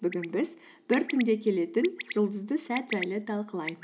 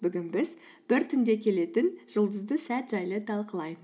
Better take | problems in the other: second | background sound (Bird); 13 dB below the speech

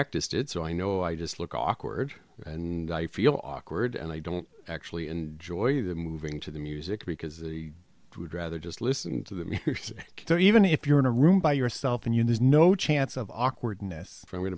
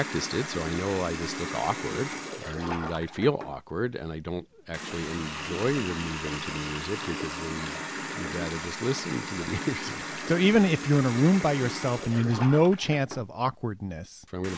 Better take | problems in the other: first | background sound (Water tap, faucet); 8 dB below the speech

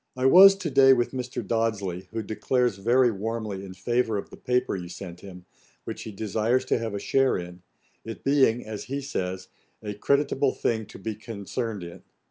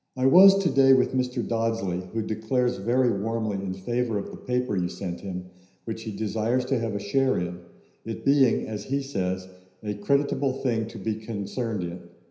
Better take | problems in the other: first | room echo; dies away in 0.9 s

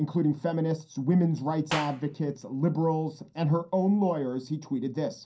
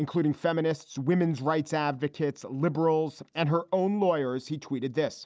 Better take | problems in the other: second | background sound (Clapping); 15 dB below the speech // room echo; dies away in 0.3 s

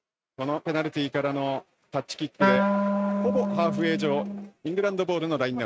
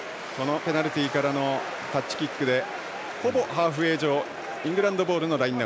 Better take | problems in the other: second | noise reduction (neural mask model RNNoise)

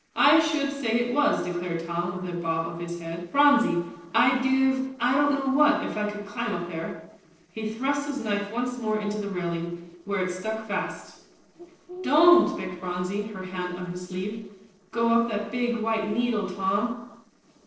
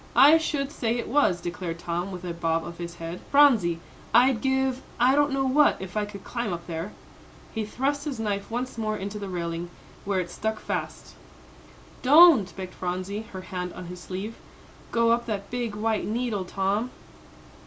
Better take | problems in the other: second | noise reduction (neural separator model SepFormer DNS4)

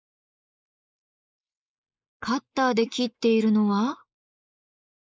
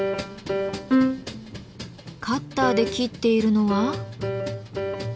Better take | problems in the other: second | noise reduction (neural mask model Resemble Enhance denoiser)

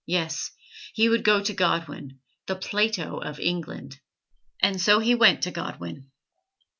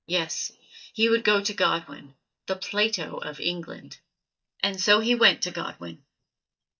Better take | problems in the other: first | noise reduction (neural mask model DeepFilterNet 3)

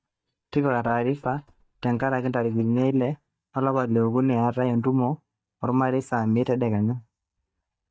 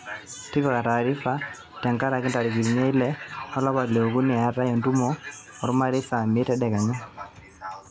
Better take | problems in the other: second | noise reduction (neural mask model DeepFilterNet 3)

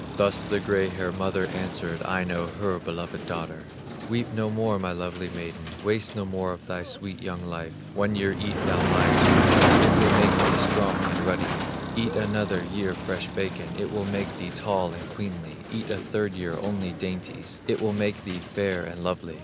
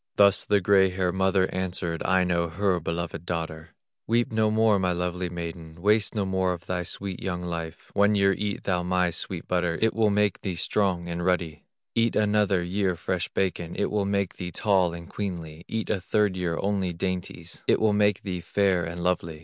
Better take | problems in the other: second | background sound (Motor vehicle (road)); 1 dB above the speech

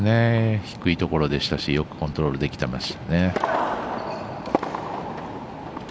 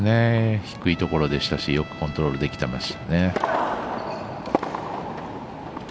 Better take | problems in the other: first | background sound (Trumpet); 18 dB below the speech

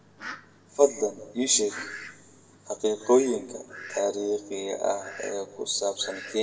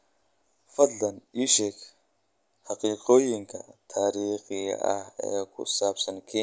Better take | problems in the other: second | background sound (Fowl); 17 dB below the speech // room echo; dies away in 1.1 s

